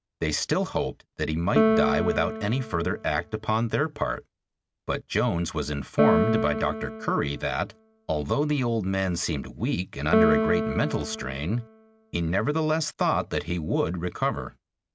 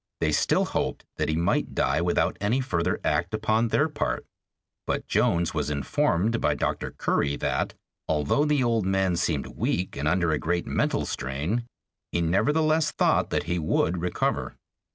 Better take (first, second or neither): second